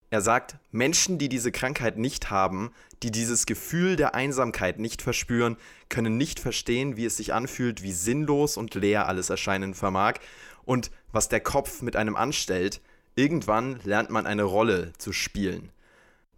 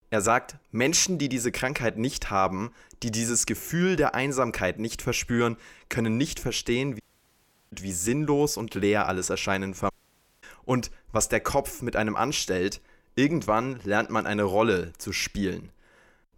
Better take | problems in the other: first | audio cutting out; at 7 s for 0.5 s and at 10 s for 0.5 s

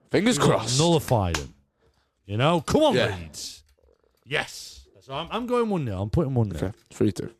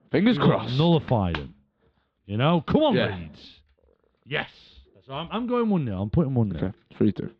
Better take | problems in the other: first | muffled; slightly; fading above 3.5 kHz

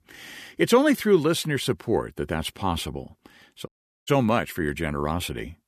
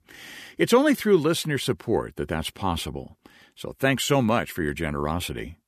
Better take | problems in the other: second | audio cutting out; at 3.5 s

